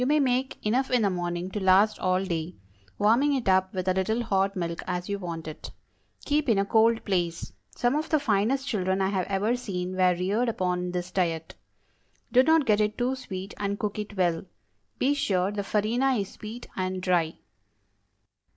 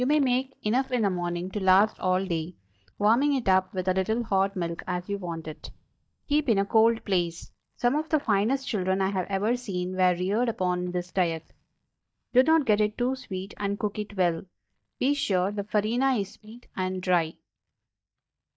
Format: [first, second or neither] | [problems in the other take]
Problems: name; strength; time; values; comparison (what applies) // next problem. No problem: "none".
first | noise reduction (neural mask model DeepFilterNet 3)